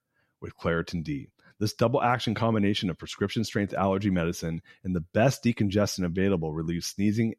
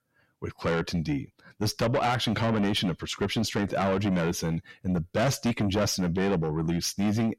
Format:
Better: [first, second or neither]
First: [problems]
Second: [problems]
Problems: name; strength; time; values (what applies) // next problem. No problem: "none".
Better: first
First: none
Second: distortion; heavy; 6 dB below the speech